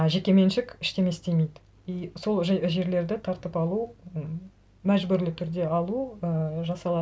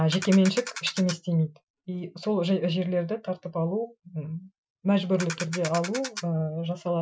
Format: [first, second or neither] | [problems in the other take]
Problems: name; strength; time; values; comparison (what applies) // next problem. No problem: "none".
first | noise reduction (classical method Wiener filter)